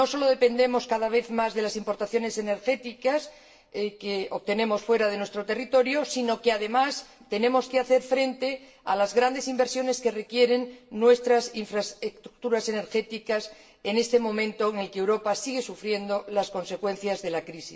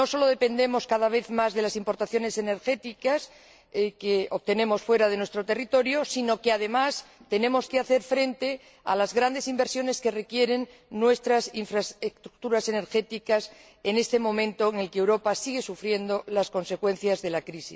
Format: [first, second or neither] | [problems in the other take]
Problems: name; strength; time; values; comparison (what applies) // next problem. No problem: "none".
second | room echo; dies away in 0.6 s